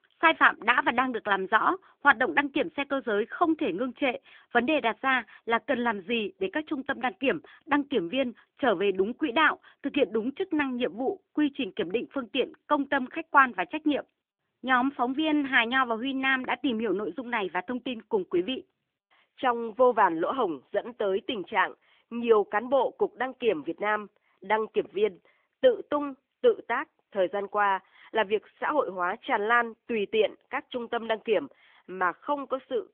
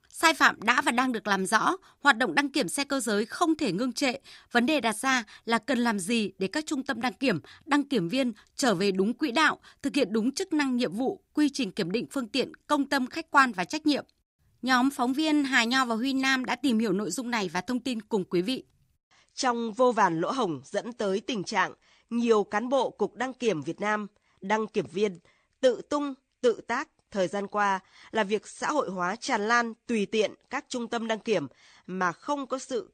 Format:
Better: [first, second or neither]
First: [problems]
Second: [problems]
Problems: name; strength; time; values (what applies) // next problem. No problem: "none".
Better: second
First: phone-call audio; nothing above 3.5 kHz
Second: none